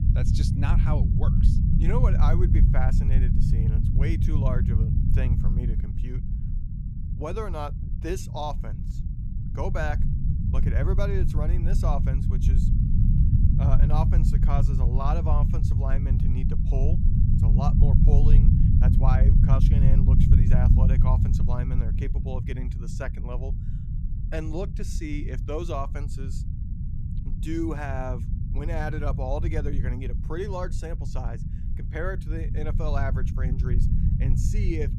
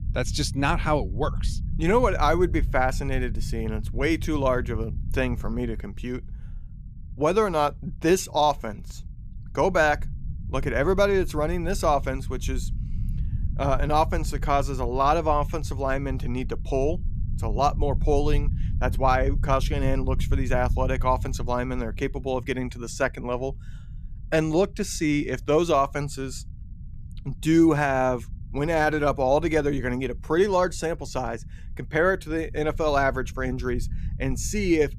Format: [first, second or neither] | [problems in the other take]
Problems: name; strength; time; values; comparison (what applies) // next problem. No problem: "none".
second | low rumble; loud; throughout; 3 dB below the speech; faint in the second